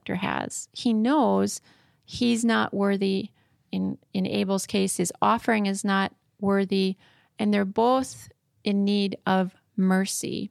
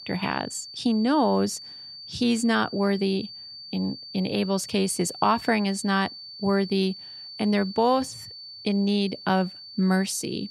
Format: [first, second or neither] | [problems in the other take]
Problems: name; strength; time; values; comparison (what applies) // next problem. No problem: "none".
first | high-pitched whine; noticeable; throughout; 4.5 kHz, 15 dB below the speech